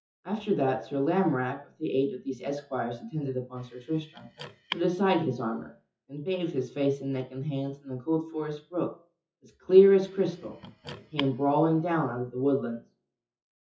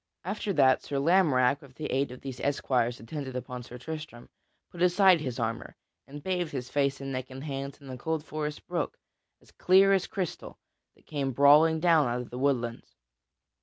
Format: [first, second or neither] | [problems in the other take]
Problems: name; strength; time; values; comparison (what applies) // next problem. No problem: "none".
second | noise reduction (classical method WPE with log-MMSE)